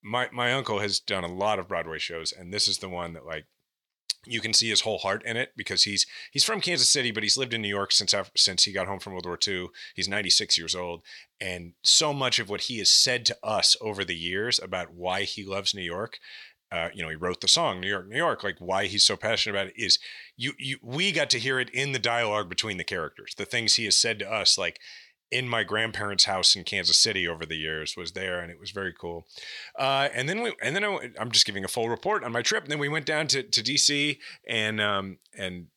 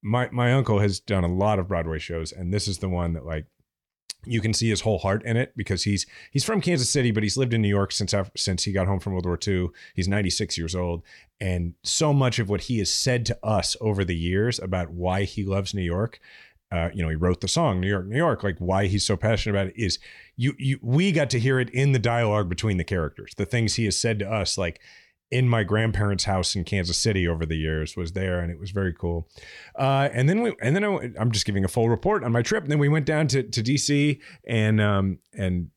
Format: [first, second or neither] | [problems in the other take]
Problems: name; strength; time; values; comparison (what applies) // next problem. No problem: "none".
second | thin; somewhat; fading below 950 Hz